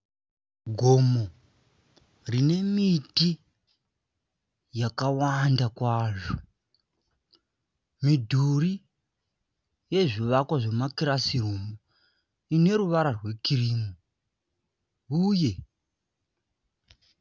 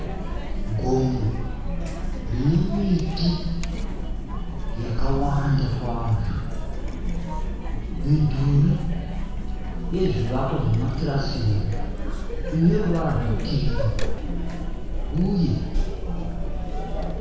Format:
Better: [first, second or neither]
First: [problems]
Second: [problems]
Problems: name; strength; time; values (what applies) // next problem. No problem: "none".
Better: first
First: none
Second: background sound (Chatter); as loud as the speech // room echo; dies away in 1.1 s